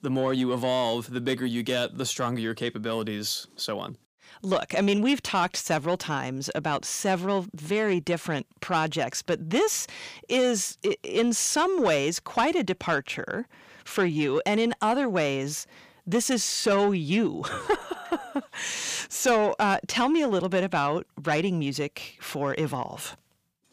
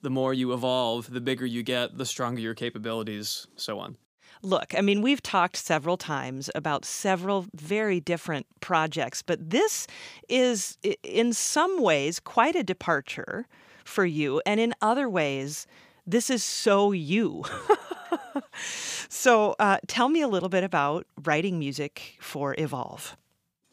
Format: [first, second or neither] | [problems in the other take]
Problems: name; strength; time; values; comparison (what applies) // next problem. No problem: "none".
second | distortion; slight; 10 dB below the speech